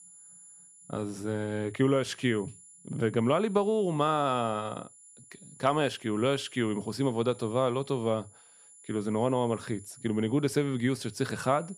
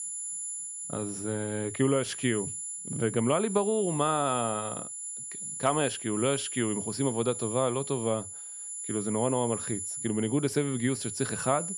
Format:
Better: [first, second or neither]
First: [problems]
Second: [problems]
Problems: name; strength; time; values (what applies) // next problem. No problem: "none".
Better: first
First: high-pitched whine; faint; throughout; 10 kHz, 20 dB below the speech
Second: high-pitched whine; loud; throughout; 10 kHz, 5 dB below the speech